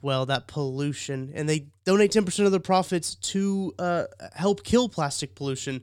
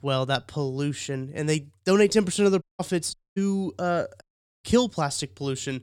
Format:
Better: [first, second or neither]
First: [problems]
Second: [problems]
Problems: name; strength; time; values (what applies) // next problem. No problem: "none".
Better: first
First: none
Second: audio cutting out; at 2.5 s, at 3 s and at 4 s